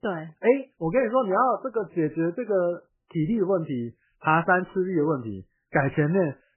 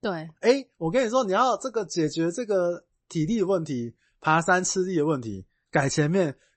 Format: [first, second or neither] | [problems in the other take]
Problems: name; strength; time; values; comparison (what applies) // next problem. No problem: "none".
second | garbled, watery; badly; nothing above 3 kHz; slightly in the second